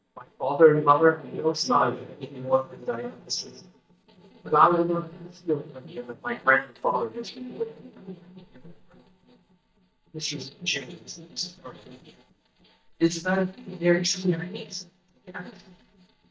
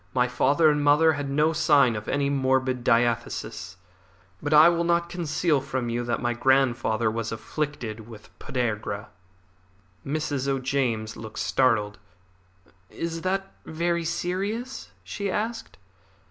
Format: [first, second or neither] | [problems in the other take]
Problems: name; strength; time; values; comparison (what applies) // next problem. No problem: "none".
second | noise reduction (neural mask model DeepFilterNet 3)